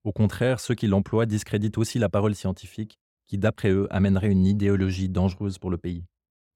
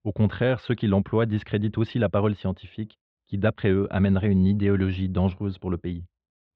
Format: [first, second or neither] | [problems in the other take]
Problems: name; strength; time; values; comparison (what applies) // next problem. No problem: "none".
first | muffled; very; fading above 3.5 kHz